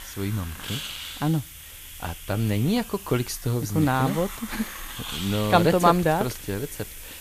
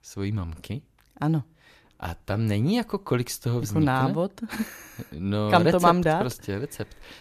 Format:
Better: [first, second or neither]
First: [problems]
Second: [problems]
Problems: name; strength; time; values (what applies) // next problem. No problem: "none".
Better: second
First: hiss; noticeable; throughout; 10 dB below the speech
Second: none